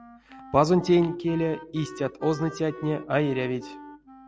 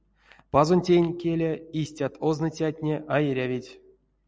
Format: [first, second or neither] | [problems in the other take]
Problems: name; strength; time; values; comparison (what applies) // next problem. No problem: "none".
second | background sound (Wind instrument, woodwind instrument); 17 dB below the speech